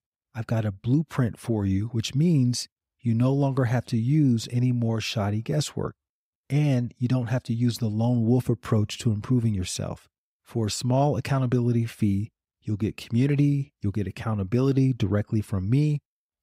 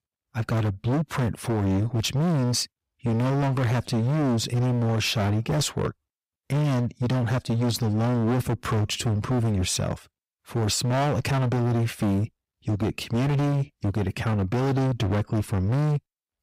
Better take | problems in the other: first | distortion; heavy; 32% of the sound clipped

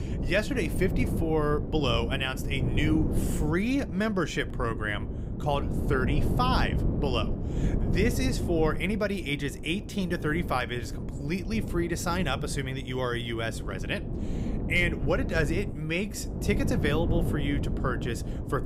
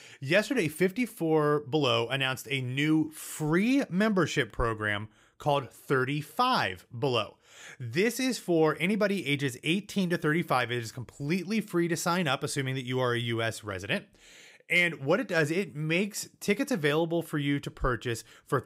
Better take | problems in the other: second | wind noise on the microphone; heavy; 9 dB below the speech

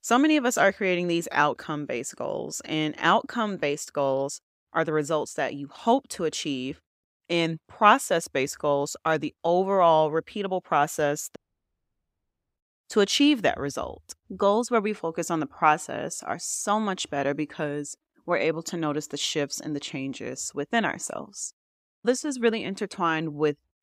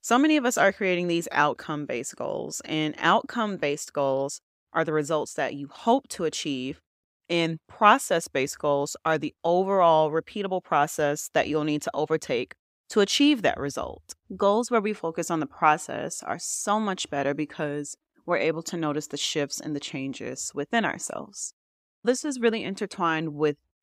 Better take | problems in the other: second | audio cutting out; at 11 s for 1 s

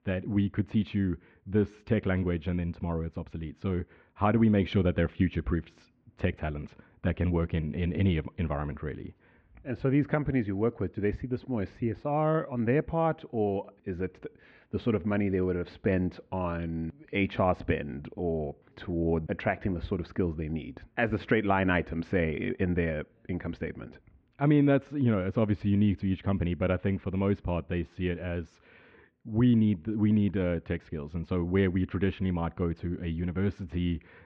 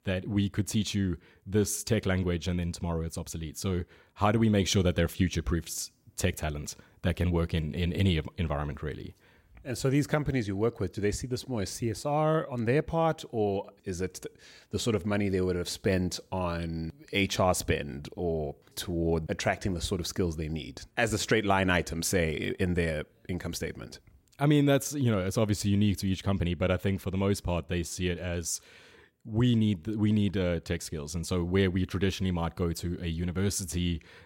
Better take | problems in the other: second | muffled; very; fading above 2.5 kHz

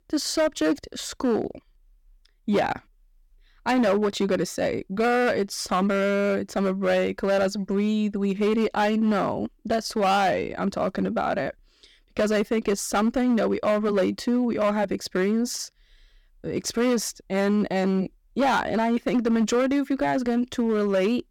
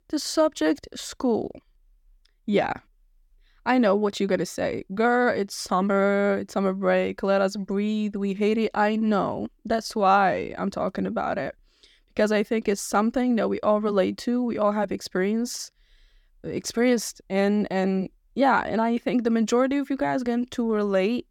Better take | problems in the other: second | distortion; slight; 9% of the sound clipped

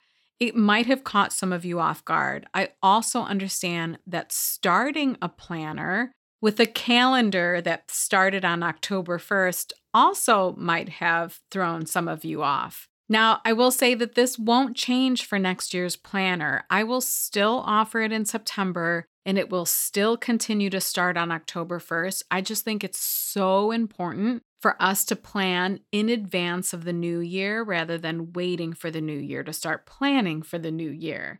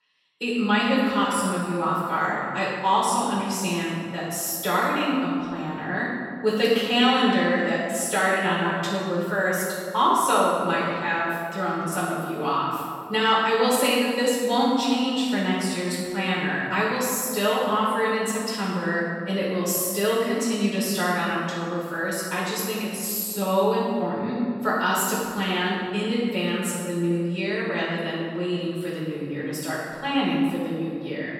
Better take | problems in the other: first | off-mic speech; far // room echo; strong; dies away in 1.7 s

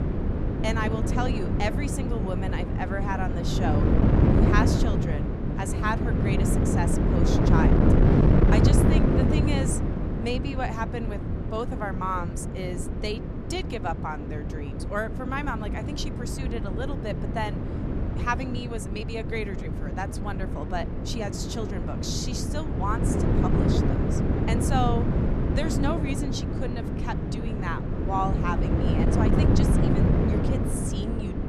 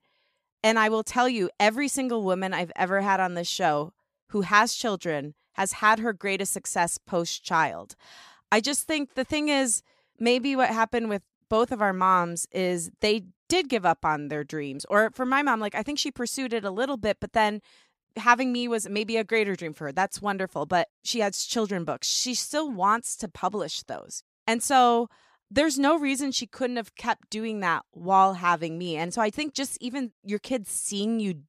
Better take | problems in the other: second | wind noise on the microphone; heavy; as loud as the speech

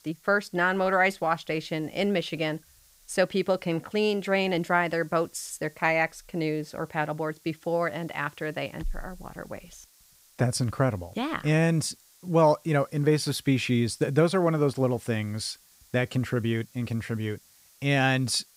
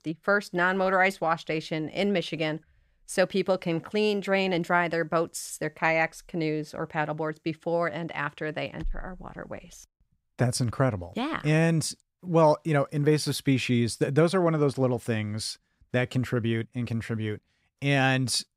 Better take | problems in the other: second | hiss; faint; throughout; 30 dB below the speech

